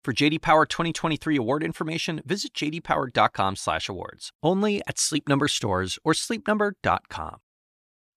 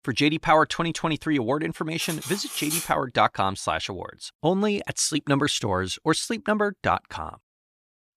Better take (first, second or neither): first